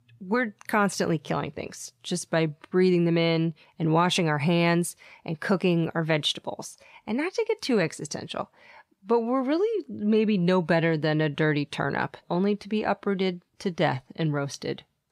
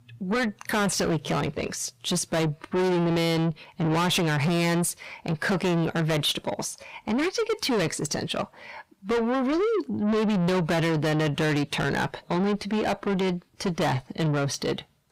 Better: first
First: none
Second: distortion; heavy; 6 dB below the speech

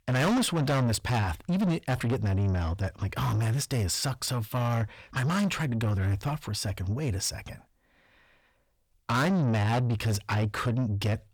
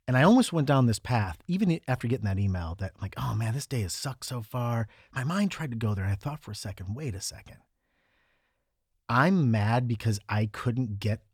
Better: second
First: distortion; heavy; 6 dB below the speech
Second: none

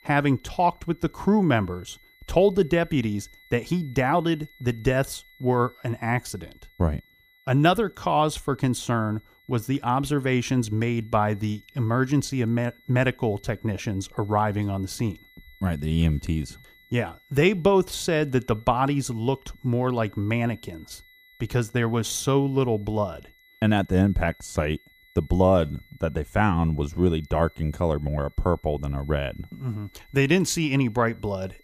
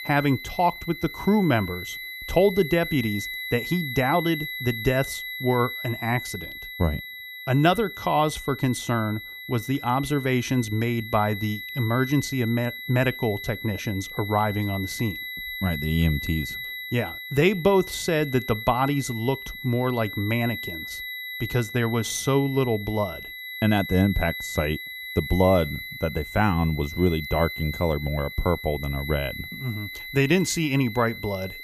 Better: first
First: high-pitched whine; faint; throughout; 2 kHz, 30 dB below the speech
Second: high-pitched whine; loud; throughout; 2 kHz, 9 dB below the speech

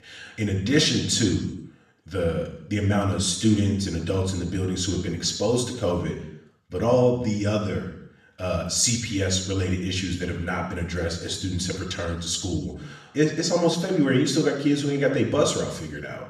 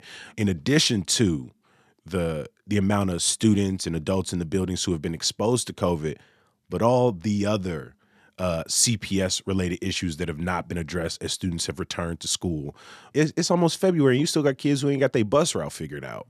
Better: second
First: room echo; noticeable; dies away in 0.7 s // off-mic speech; far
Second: none

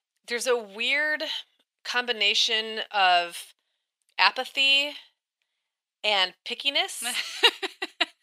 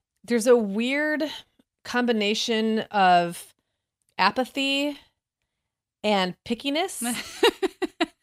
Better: second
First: thin; very; fading below 550 Hz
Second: none

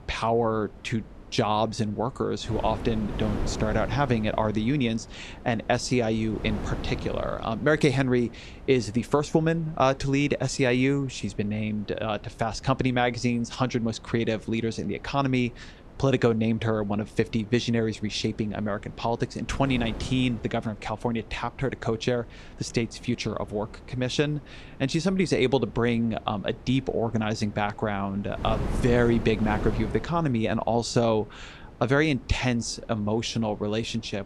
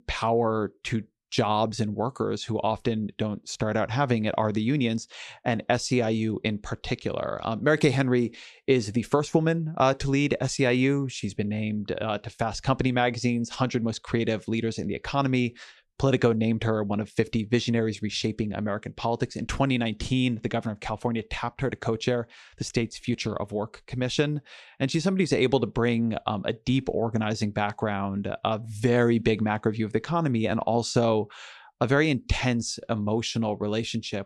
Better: second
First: wind noise on the microphone; occasional gusts; 15 dB below the speech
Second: none

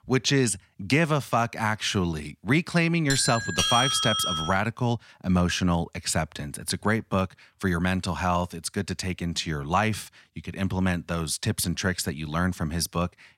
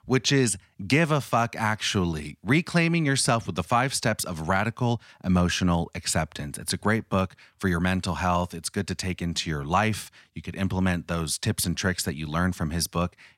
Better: second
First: doorbell; loud; from 3 to 4.5 s; peak 4 dB above the speech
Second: none

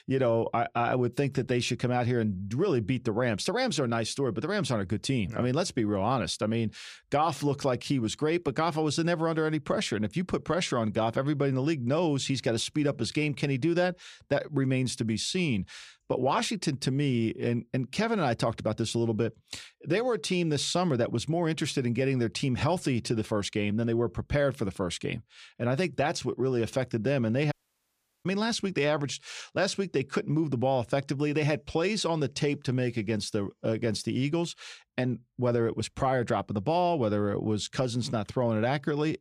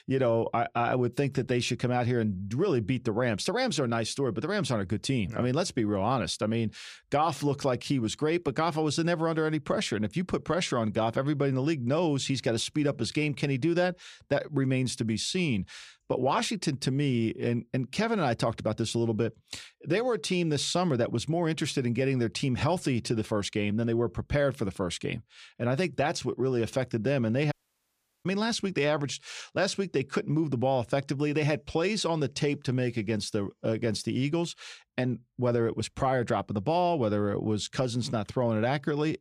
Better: neither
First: audio cutting out; at 28 s for 0.5 s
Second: audio cutting out; at 28 s for 0.5 s

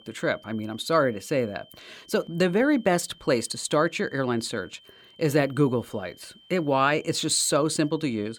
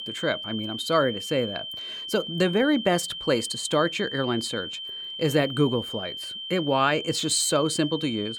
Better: first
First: high-pitched whine; faint; throughout; 3 kHz, 25 dB below the speech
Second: high-pitched whine; loud; throughout; 3 kHz, 7 dB below the speech

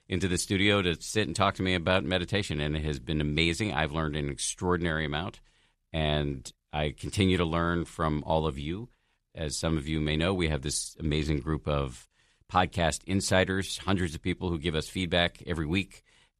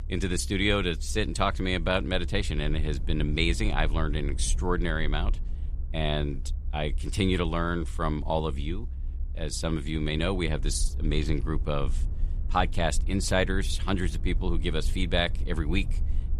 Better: first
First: none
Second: low rumble; faint; throughout; 20 dB below the speech

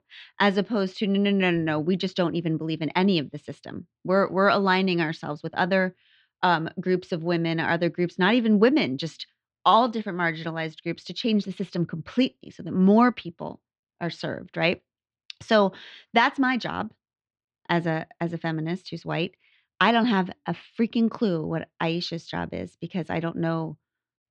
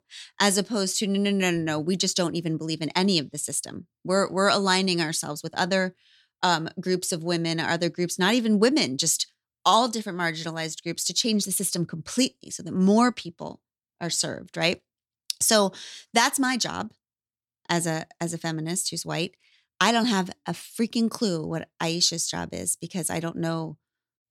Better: second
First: muffled; very; fading above 3 kHz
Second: none

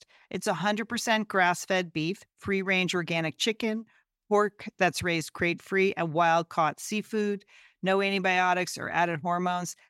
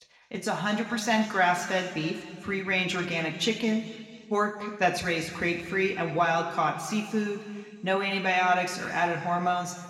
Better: first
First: none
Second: room echo; slight; dies away in 2 s // off-mic speech; somewhat distant

